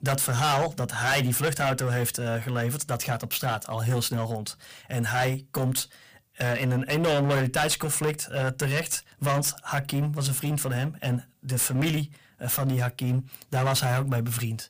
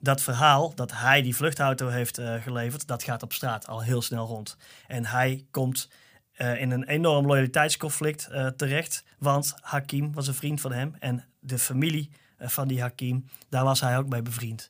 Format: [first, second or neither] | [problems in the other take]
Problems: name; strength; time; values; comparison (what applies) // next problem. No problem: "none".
second | distortion; heavy; 13% of the sound clipped